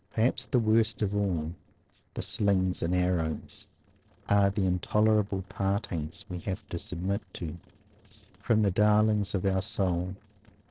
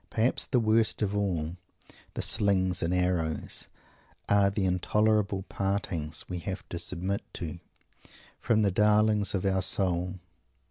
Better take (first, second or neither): second